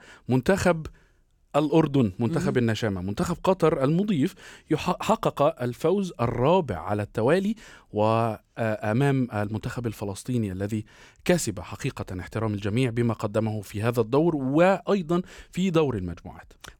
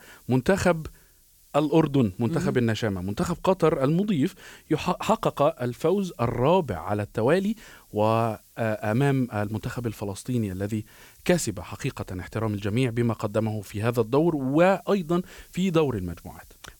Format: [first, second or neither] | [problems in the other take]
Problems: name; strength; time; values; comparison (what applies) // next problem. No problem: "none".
first | hiss; faint; throughout; 30 dB below the speech